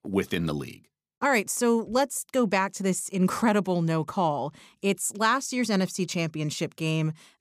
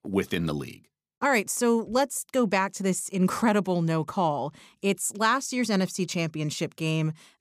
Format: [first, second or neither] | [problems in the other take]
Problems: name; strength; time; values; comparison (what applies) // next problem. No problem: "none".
neither | none